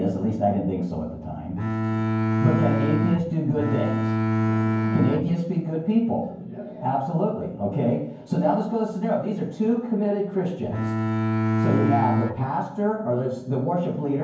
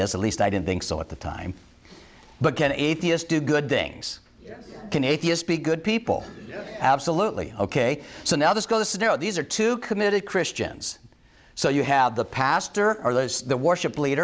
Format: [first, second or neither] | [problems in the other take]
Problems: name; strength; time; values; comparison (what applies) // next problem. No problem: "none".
second | background sound (Bowed string instrument); 2 dB above the speech // room echo; dies away in 0.9 s